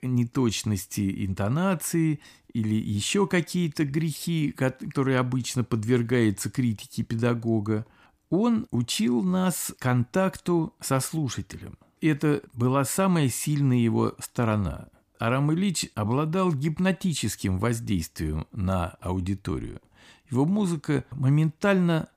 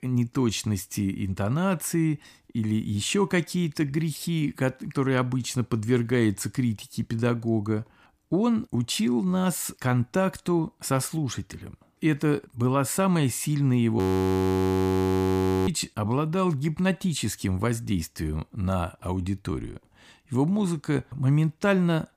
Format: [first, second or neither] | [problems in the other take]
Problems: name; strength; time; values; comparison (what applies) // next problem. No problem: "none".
first | audio freezing; at 14 s for 1.5 s